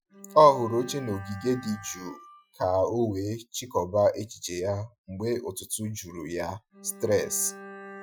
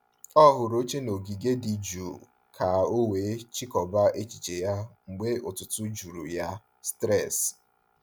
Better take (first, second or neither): second